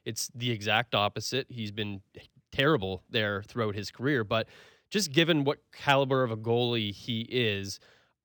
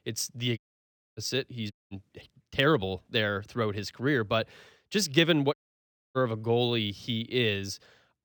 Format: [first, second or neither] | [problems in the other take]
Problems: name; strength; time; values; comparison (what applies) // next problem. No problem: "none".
first | audio cutting out; at 0.5 s for 0.5 s, at 1.5 s and at 5.5 s for 0.5 s